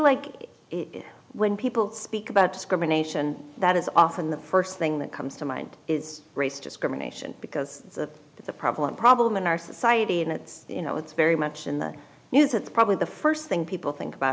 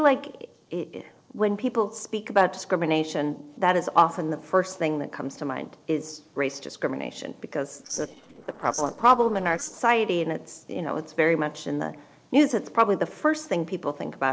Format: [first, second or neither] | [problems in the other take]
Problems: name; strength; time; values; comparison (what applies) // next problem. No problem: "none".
first | noise reduction (neural separator model SepFormer DNS4)